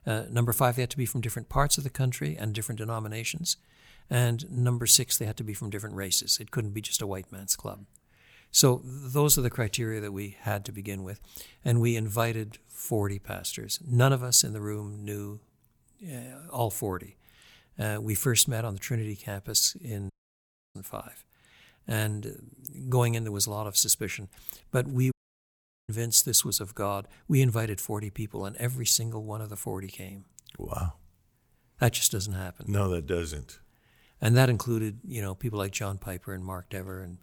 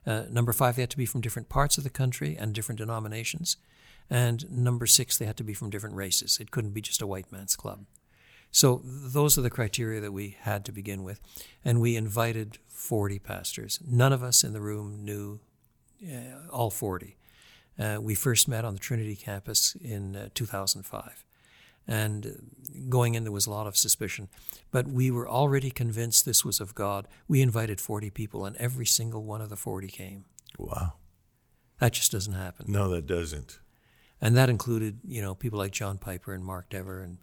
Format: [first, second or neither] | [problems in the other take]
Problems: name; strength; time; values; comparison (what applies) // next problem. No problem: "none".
second | audio cutting out; at 20 s for 0.5 s and at 25 s for 1 s